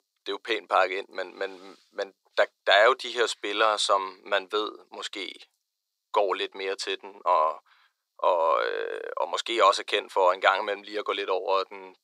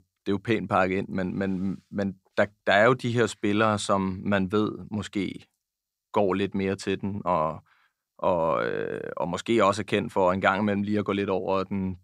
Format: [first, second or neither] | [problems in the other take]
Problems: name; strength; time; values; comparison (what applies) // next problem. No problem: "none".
second | thin; very; fading below 400 Hz